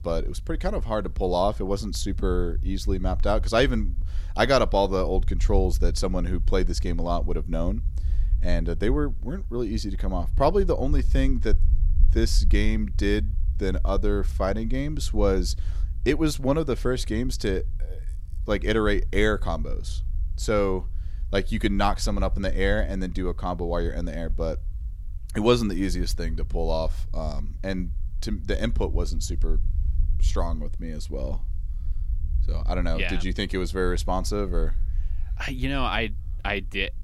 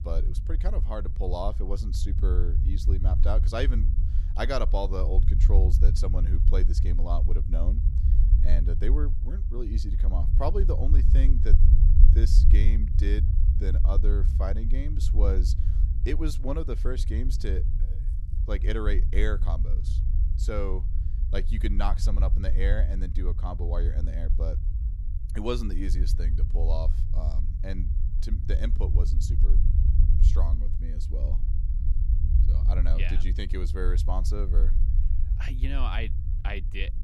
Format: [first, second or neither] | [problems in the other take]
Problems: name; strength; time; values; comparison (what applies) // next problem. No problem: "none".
first | low rumble; loud; throughout; 9 dB below the speech; faint in the first